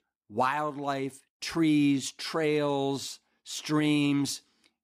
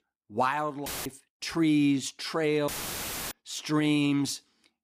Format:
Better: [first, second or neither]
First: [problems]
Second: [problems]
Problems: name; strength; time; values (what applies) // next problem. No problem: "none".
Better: first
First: none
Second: audio cutting out; filled with static; at 1 s and at 2.5 s for 0.5 s